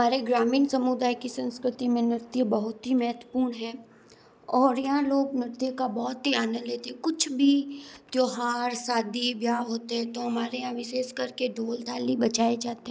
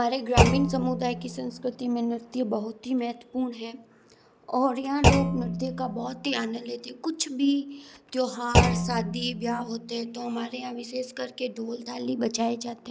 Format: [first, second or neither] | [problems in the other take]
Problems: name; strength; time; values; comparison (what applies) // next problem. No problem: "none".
first | background sound (Thump, thud); 1 dB above the speech